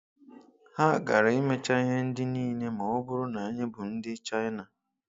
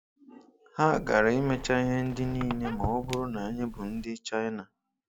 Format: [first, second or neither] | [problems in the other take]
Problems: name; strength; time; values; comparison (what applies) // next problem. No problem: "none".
first | background sound (Squeak); 10 dB below the speech